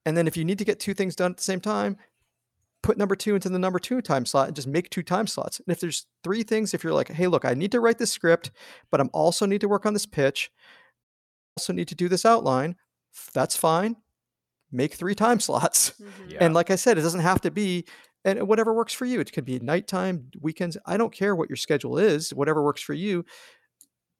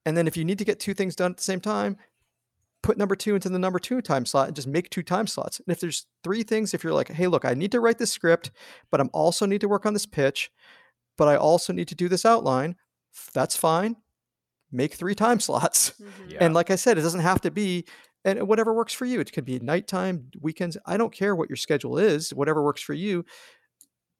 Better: second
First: audio cutting out; at 11 s for 0.5 s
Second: none

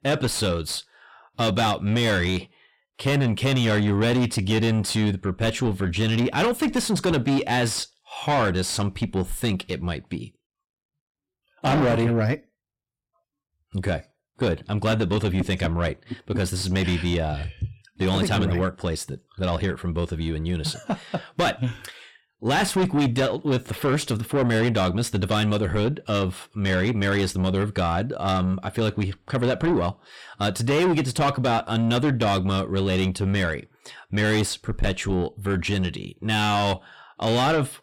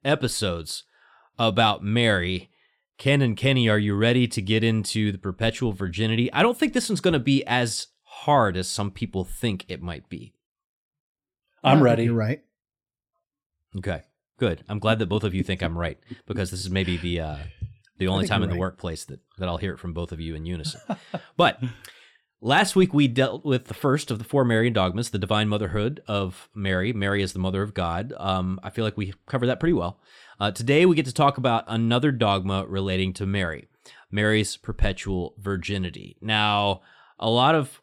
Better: second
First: distortion; heavy; 7 dB below the speech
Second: none

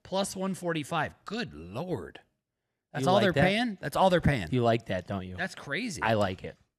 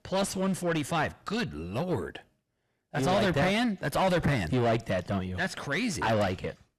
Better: first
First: none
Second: distortion; heavy; 5 dB below the speech

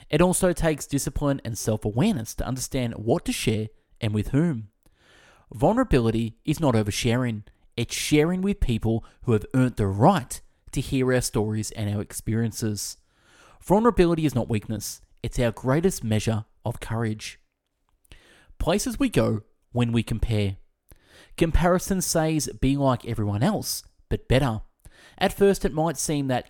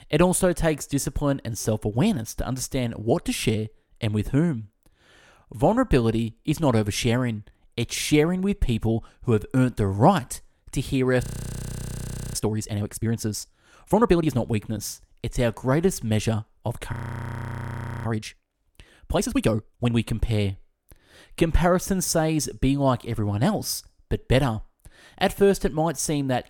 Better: first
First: none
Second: audio freezing; at 11 s for 1 s and at 17 s for 1 s

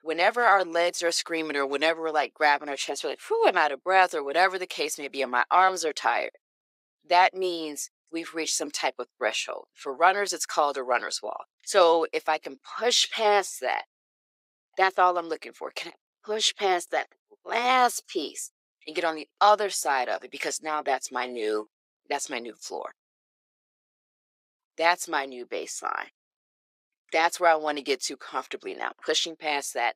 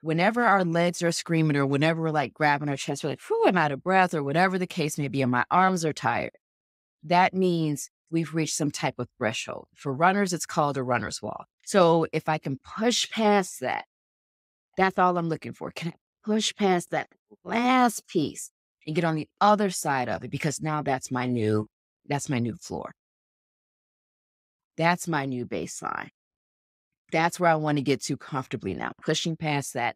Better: second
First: thin; very; fading below 400 Hz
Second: none

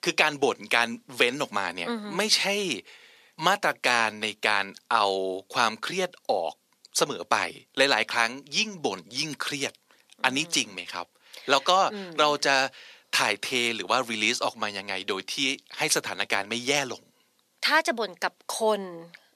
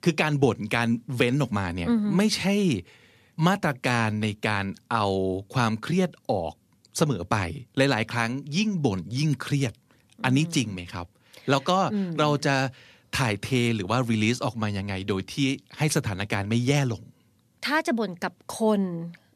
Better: second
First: thin; very; fading below 500 Hz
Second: none

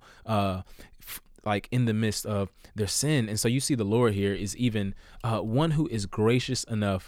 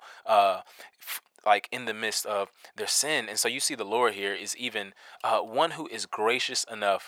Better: first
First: none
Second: thin; very; fading below 700 Hz

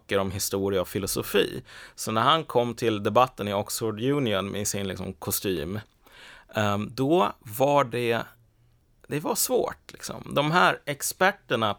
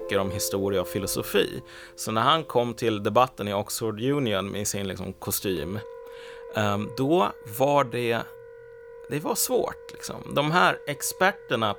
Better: first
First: none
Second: background music; noticeable; throughout; 15 dB below the speech

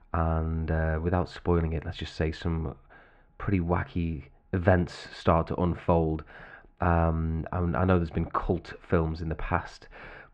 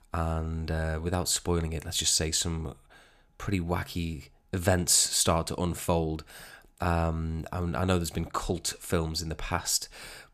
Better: second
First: muffled; very; fading above 2 kHz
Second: none

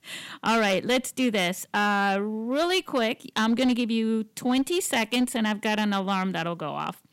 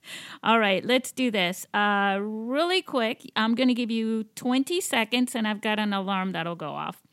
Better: second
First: distortion; slight; 7% of the sound clipped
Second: none

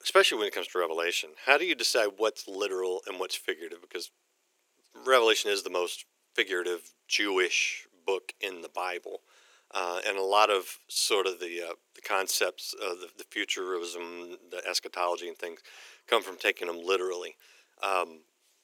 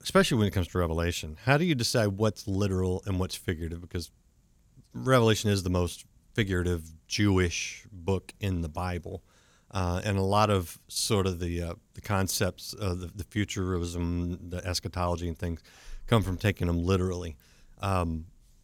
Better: second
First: thin; very; fading below 350 Hz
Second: none

